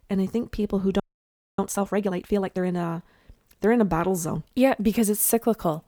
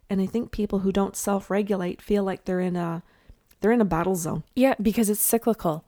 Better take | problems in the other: second | audio freezing; at 1 s for 0.5 s

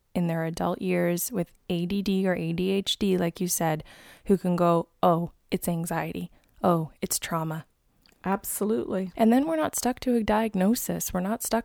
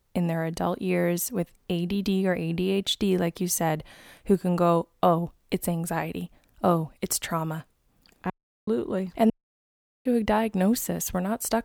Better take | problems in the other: first | audio cutting out; at 8.5 s and at 9.5 s for 1 s

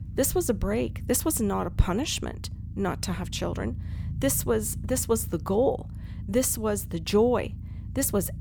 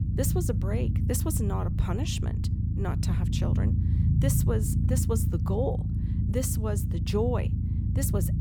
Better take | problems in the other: first | low rumble; loud; throughout; 5 dB below the speech; faint in the first

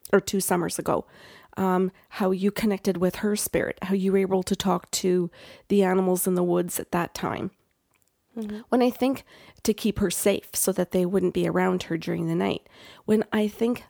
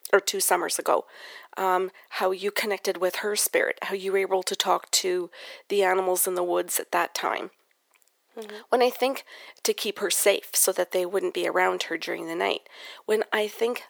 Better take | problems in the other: first | thin; very; fading below 450 Hz

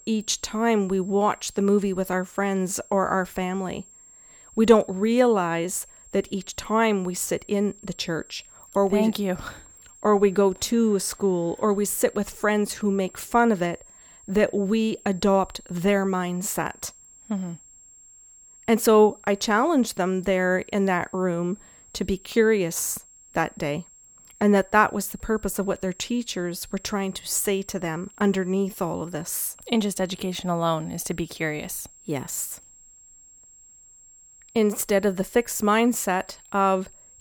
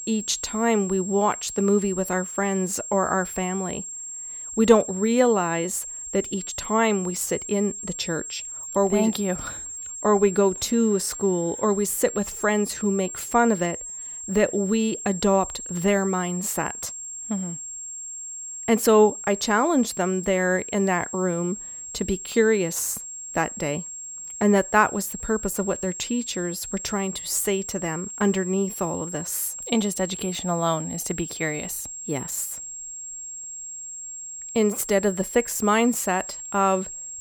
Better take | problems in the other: first | high-pitched whine; loud; throughout; 7.5 kHz, 9 dB below the speech; faint in the first

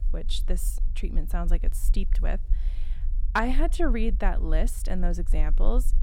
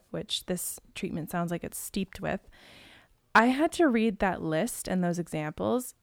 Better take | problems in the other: second | low rumble; faint; throughout; 20 dB below the speech

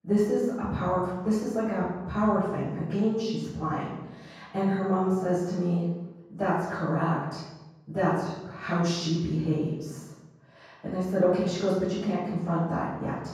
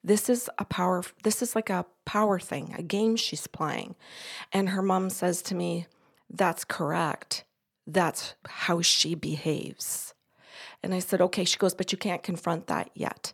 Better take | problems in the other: second | room echo; strong; dies away in 1.3 s // off-mic speech; far

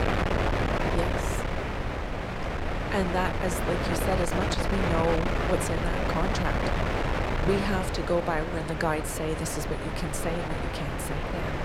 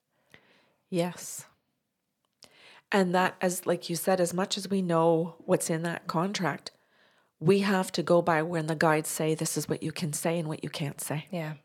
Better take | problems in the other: second | wind noise on the microphone; heavy; 1 dB above the speech

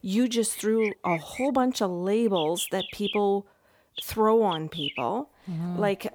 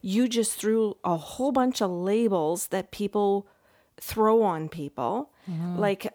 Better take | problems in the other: second | animal sounds; loud; throughout; 9 dB below the speech

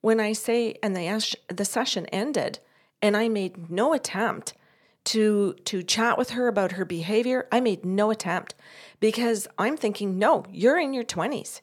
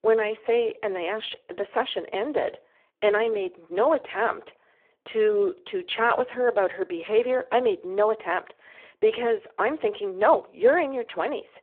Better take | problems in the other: first | phone-call audio; poor line

